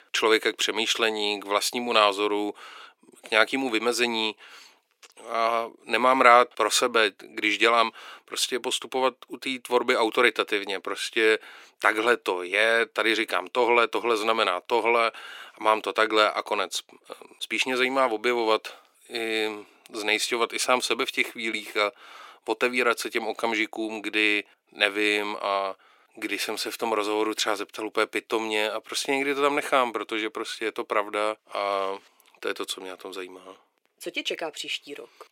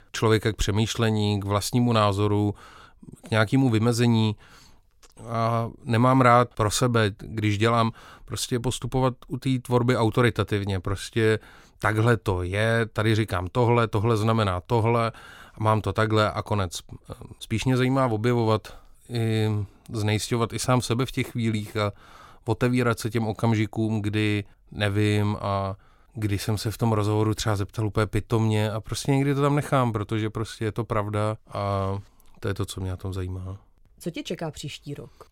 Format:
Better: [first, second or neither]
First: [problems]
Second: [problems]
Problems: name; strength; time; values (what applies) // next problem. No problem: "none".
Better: second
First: thin; very; fading below 350 Hz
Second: none